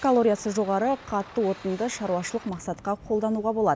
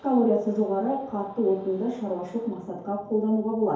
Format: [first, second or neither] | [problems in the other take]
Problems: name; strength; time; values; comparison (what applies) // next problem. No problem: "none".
first | room echo; dies away in 2.4 s